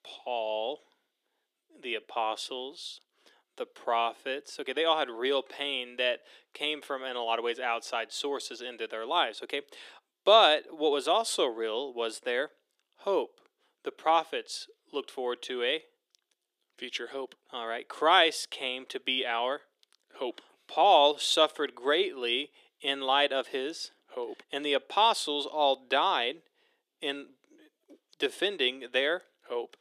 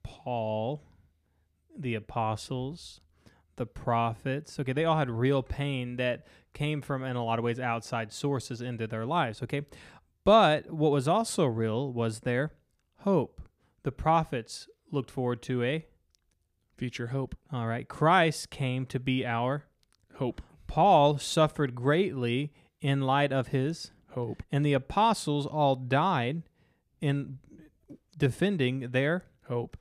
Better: second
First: thin; very; fading below 350 Hz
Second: none

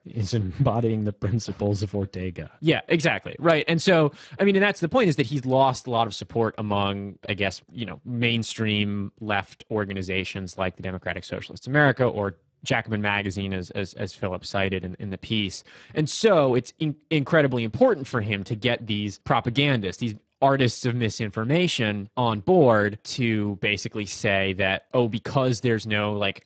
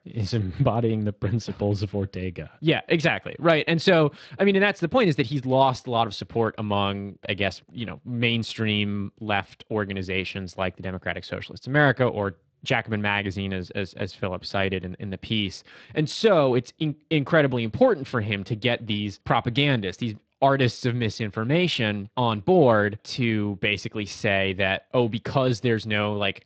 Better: second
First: garbled, watery; badly; nothing above 8 kHz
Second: garbled, watery; slightly; nothing above 7.5 kHz

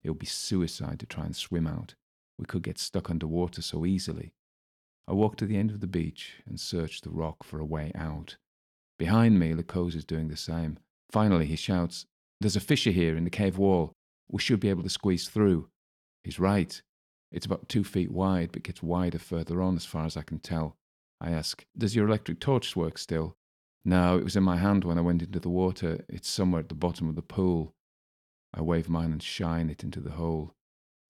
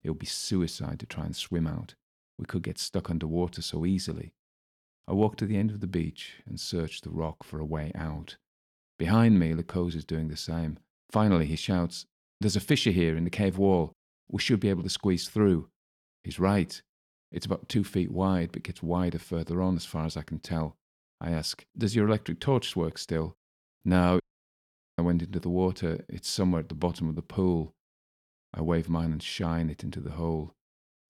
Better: first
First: none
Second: audio cutting out; at 24 s for 1 s

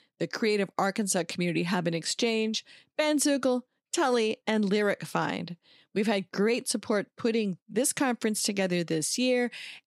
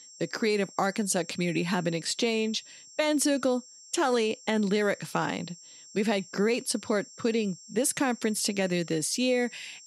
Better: first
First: none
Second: high-pitched whine; noticeable; throughout; 7.5 kHz, 20 dB below the speech

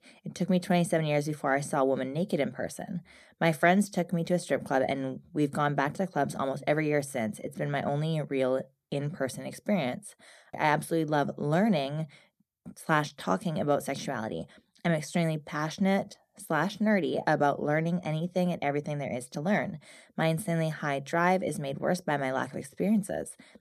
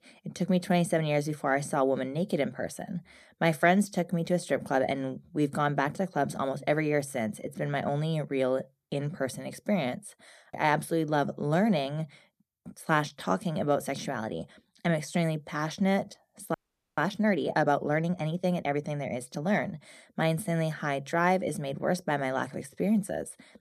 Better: first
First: none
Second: audio freezing; at 17 s

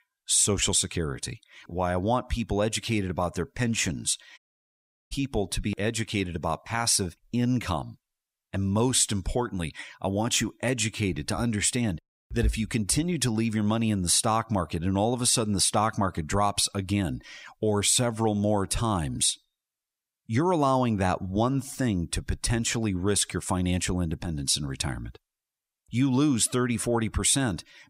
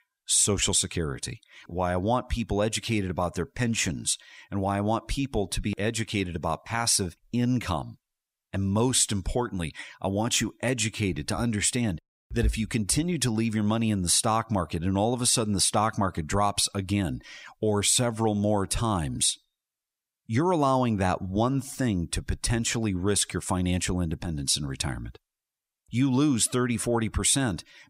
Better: second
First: audio cutting out; at 4.5 s for 0.5 s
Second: none

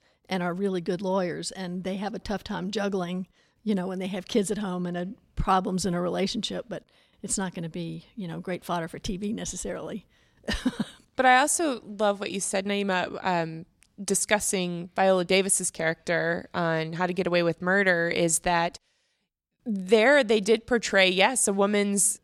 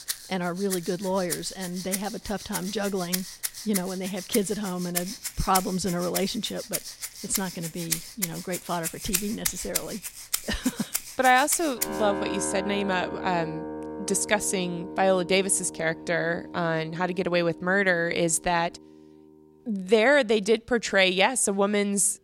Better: first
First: none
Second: background music; loud; throughout; 7 dB below the speech

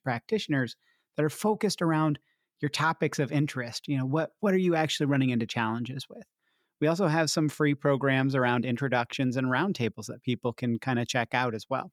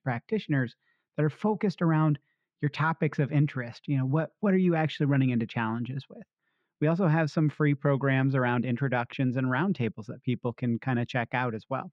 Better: first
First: none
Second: muffled; slightly; fading above 2.5 kHz

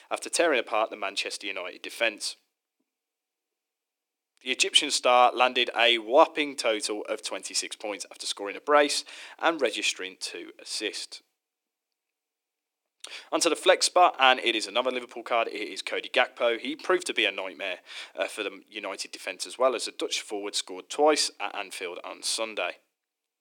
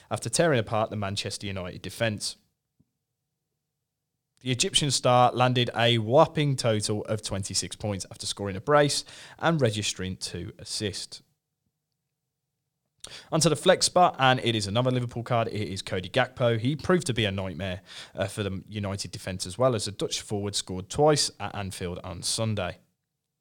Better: second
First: thin; somewhat; fading below 300 Hz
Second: none

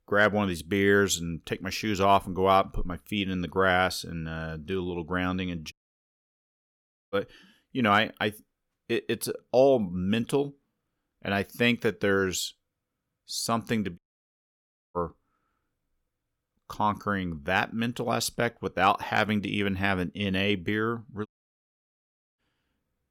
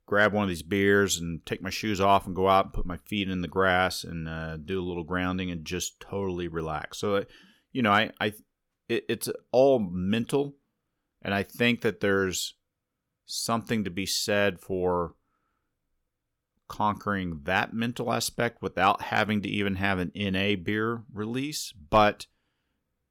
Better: second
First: audio cutting out; at 5.5 s for 1.5 s, at 14 s for 1 s and at 21 s for 1 s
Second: none

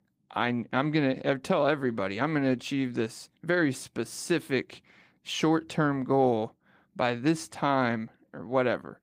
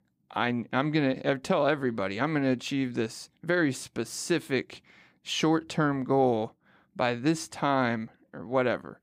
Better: second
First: garbled, watery; slightly; nothing above 15.5 kHz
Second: none

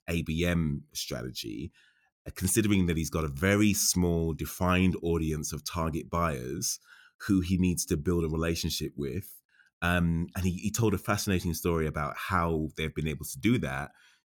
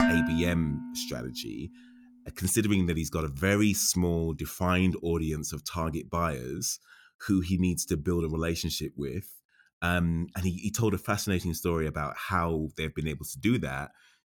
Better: first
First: none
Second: clattering dishes; loud; at the start; peak 4 dB above the speech

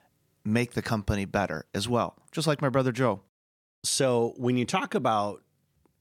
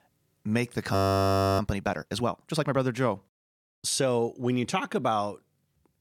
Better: first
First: none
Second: audio freezing; at 1 s for 0.5 s

